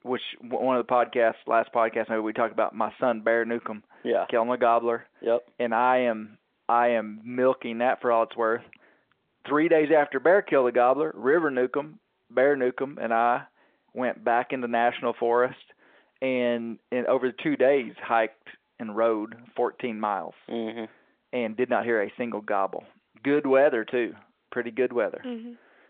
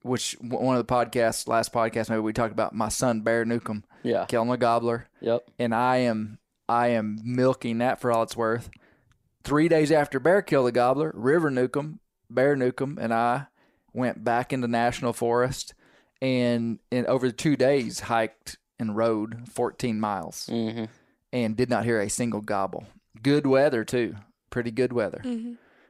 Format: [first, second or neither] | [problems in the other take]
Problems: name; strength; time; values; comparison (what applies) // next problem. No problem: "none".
second | phone-call audio